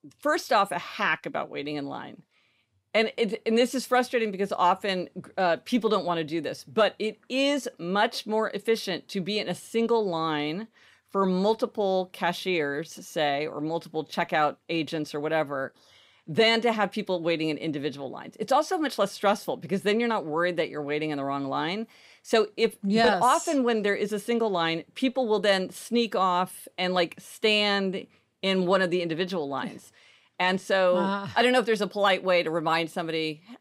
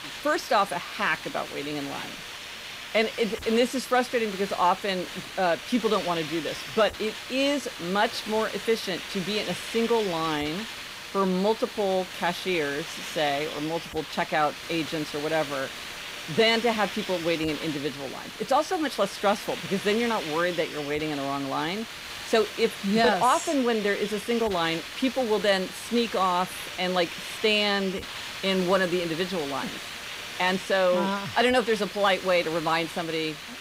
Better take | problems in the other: first | hiss; loud; throughout; 9 dB below the speech

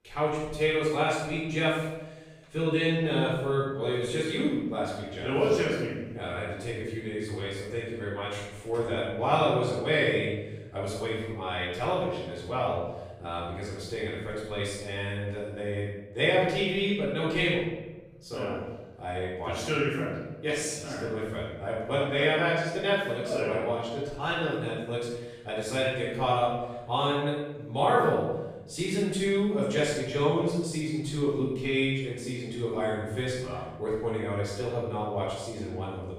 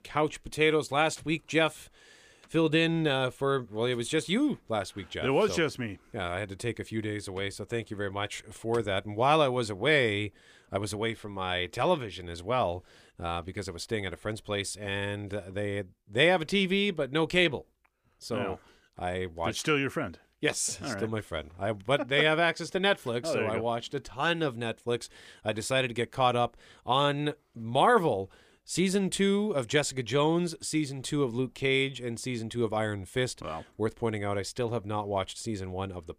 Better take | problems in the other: second | off-mic speech; far // room echo; strong; dies away in 1 s

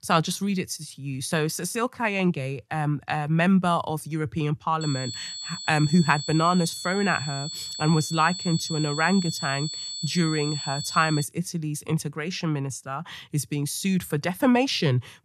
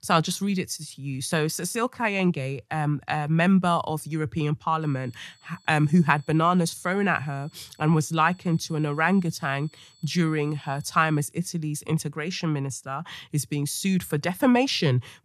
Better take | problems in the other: second | high-pitched whine; loud; from 5 to 11 s; 4.5 kHz, 7 dB below the speech; faint in the second

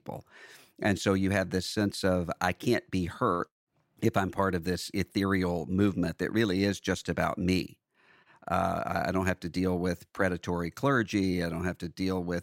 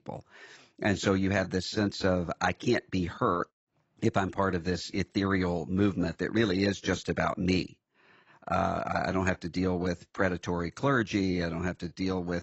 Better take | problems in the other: first | garbled, watery; badly; nothing above 7.5 kHz

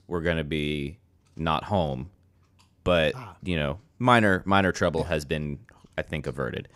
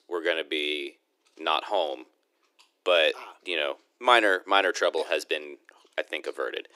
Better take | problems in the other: first | thin; very; fading below 300 Hz

